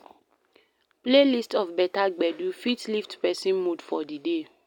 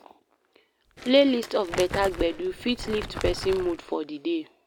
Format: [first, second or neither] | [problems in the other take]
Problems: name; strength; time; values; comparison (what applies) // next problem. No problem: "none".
first | background sound (Crumpling, crinkling); 10 dB below the speech